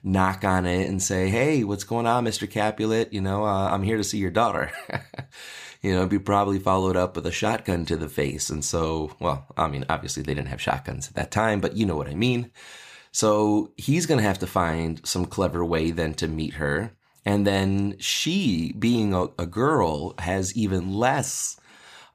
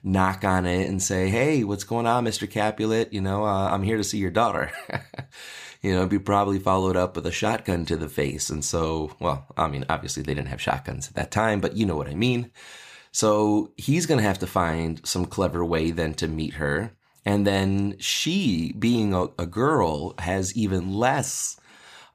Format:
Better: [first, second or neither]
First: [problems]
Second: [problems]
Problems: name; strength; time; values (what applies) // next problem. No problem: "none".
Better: neither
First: none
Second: none